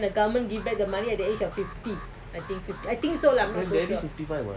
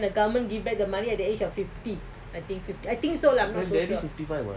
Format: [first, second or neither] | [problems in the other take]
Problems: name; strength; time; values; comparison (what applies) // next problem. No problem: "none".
second | background sound (Alarm); 18 dB below the speech